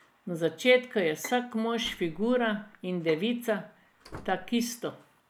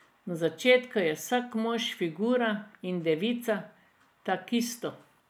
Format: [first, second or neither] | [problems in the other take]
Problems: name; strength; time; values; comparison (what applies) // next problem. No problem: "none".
second | background sound (Slam + Bowed string instrument); 17 dB below the speech